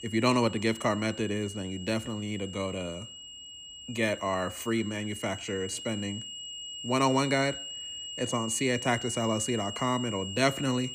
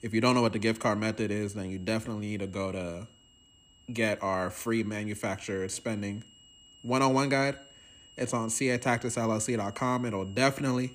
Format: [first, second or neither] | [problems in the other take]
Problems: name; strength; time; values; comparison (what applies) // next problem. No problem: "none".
second | high-pitched whine; loud; throughout; 3 kHz, 9 dB below the speech; faint in the second